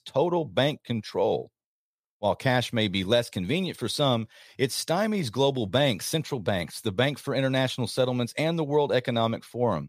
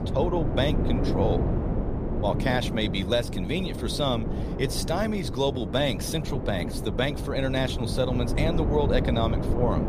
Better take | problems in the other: first | wind noise on the microphone; heavy; 7 dB below the speech

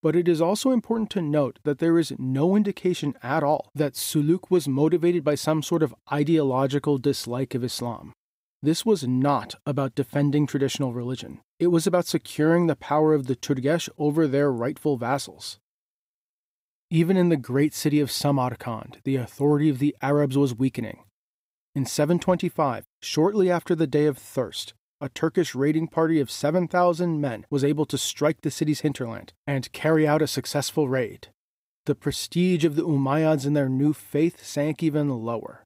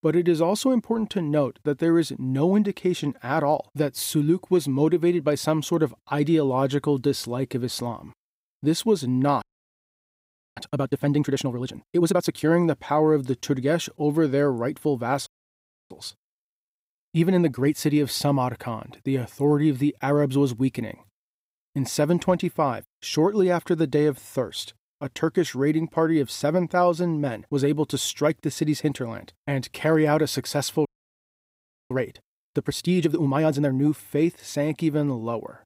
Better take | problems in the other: first | audio freezing; at 9.5 s for 1 s, at 15 s for 0.5 s and at 31 s for 1 s

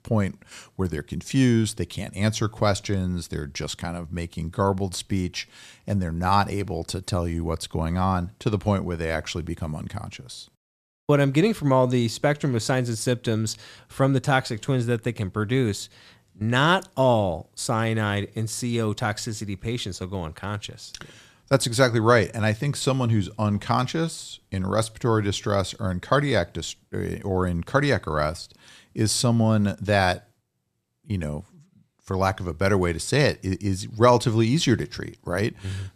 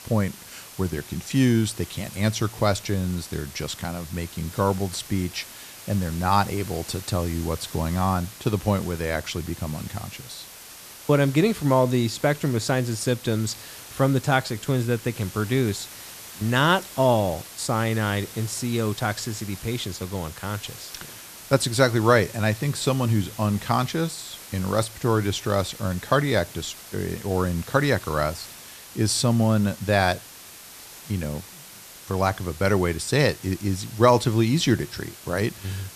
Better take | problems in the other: first | hiss; noticeable; throughout; 15 dB below the speech

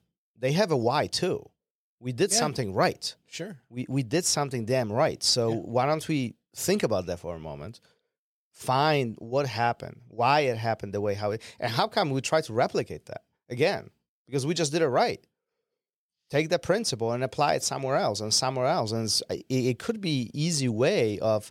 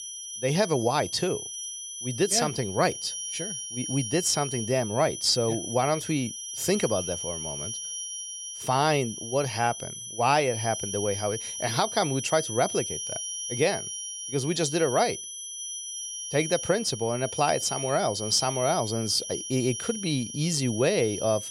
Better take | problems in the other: first | high-pitched whine; loud; throughout; 6 kHz, 6 dB below the speech

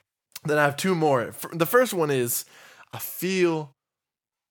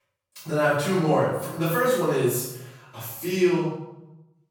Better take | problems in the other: first | off-mic speech; far // room echo; strong; dies away in 0.8 s

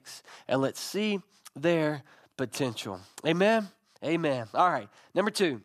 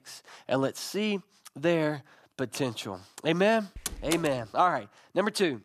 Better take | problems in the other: first | door banging; noticeable; at 4 s; peak 5 dB below the speech

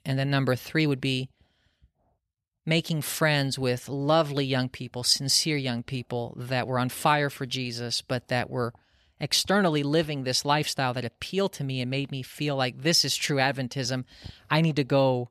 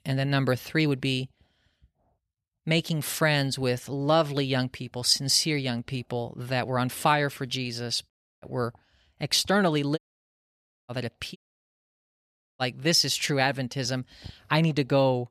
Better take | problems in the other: first | audio cutting out; at 8 s, at 10 s for 1 s and at 11 s for 1 s

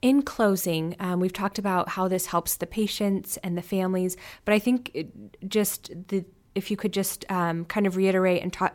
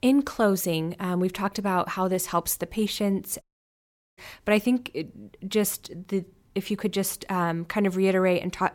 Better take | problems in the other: first | audio cutting out; at 3.5 s for 1 s

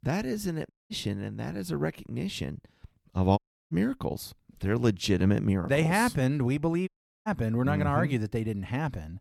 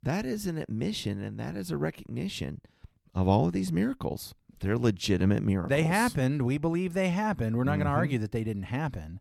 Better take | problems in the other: second | audio cutting out; at 0.5 s, at 3.5 s and at 7 s

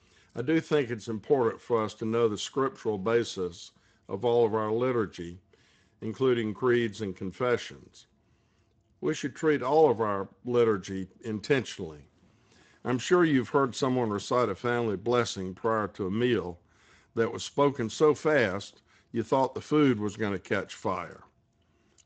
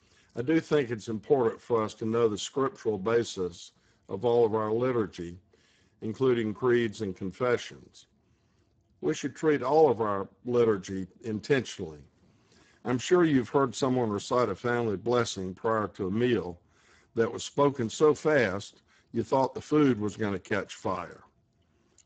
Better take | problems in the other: first | garbled, watery; badly; nothing above 7.5 kHz; slightly in the first

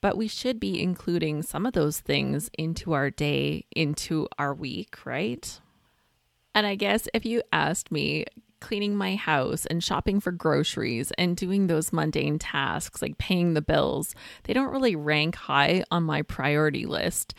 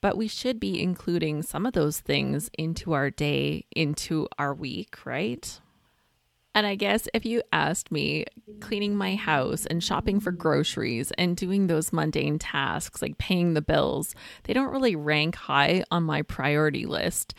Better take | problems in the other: first | low rumble; faint; from 8.5 to 15 s; 25 dB below the speech

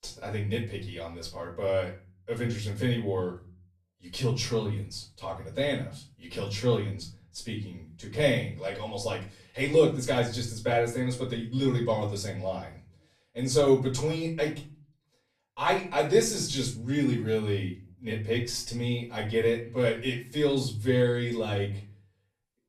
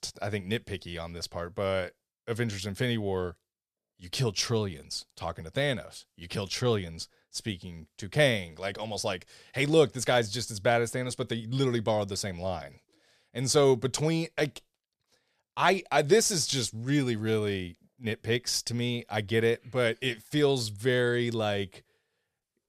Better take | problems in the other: second | off-mic speech; far // room echo; slight; dies away in 0.4 s

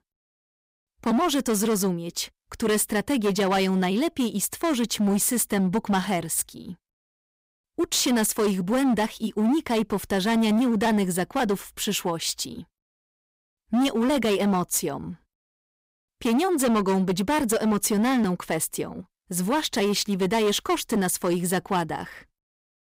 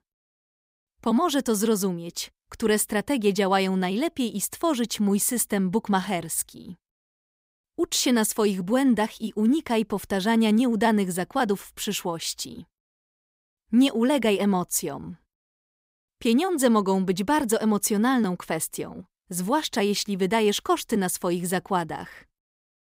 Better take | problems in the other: second | distortion; slight; 13% of the sound clipped

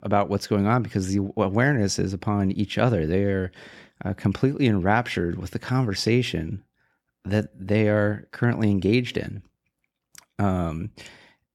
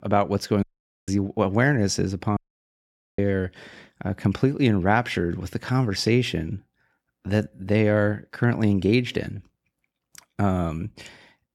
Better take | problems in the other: first | audio cutting out; at 0.5 s and at 2.5 s for 1 s

